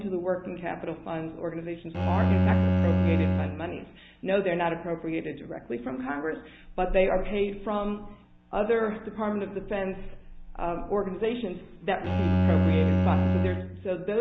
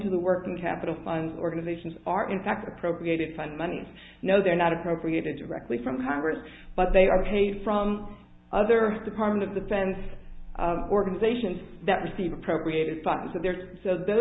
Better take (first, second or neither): second